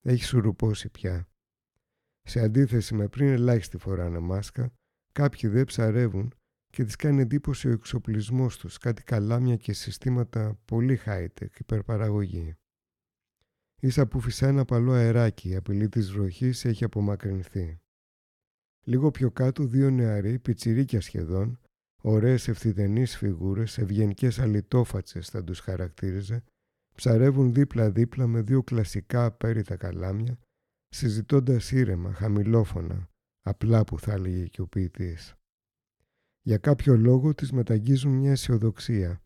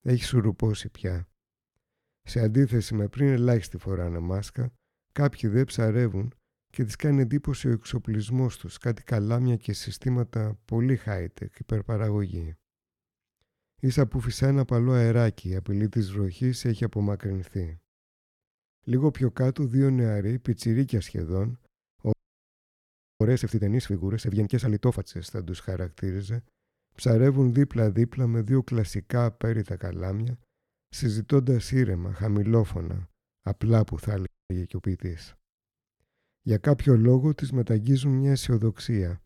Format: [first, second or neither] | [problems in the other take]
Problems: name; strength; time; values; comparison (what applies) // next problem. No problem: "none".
first | audio freezing; at 22 s for 1 s and at 34 s